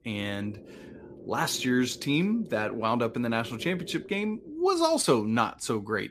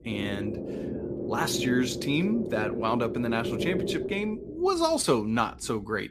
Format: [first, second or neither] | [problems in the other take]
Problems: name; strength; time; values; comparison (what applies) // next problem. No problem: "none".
first | low rumble; loud; throughout; 7 dB below the speech; faint in the first